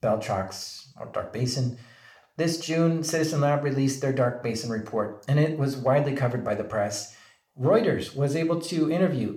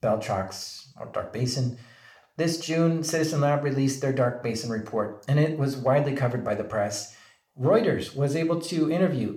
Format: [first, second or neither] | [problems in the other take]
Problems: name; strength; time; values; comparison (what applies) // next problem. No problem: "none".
neither | room echo; slight; dies away in 0.4 s; the same in both // off-mic speech; somewhat distant; the same in both